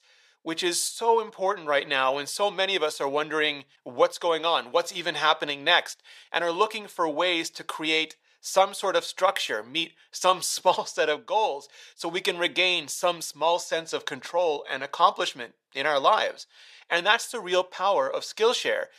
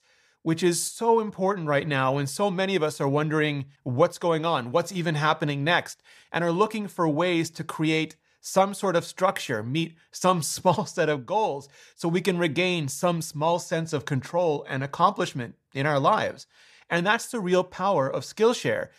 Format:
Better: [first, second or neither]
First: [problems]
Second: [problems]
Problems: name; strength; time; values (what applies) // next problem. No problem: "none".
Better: second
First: thin; very; fading below 500 Hz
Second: none